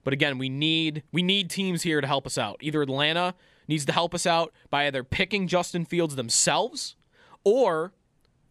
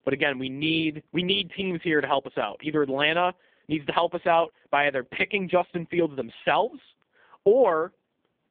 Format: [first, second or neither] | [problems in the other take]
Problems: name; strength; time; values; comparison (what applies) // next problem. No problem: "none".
first | phone-call audio; poor line; nothing above 3.5 kHz